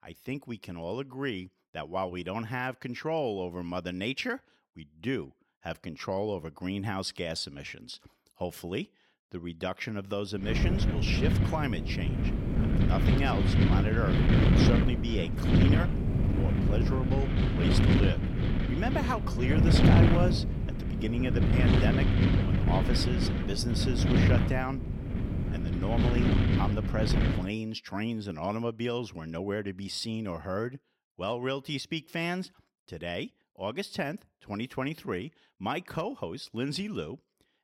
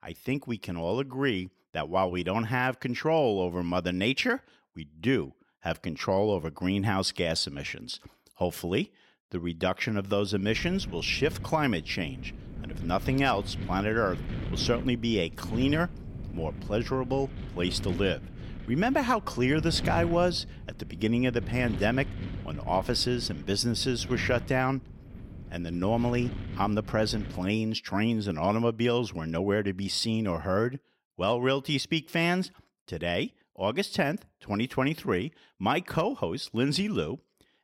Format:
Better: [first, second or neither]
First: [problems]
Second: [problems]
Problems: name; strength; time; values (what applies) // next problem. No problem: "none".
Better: second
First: wind noise on the microphone; heavy; from 11 to 27 s; 1 dB above the speech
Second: wind noise on the microphone; occasional gusts; from 11 to 27 s; 15 dB below the speech